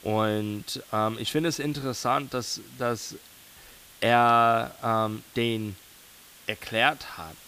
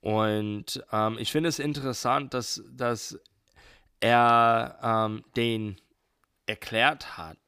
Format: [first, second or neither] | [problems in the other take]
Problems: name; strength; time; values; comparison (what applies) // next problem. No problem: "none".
second | hiss; faint; throughout; 20 dB below the speech